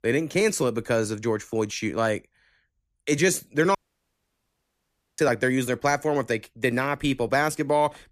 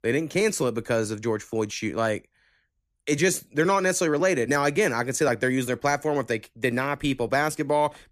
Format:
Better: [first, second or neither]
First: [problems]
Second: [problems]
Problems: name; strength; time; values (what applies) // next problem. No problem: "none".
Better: second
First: audio cutting out; at 4 s for 1.5 s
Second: none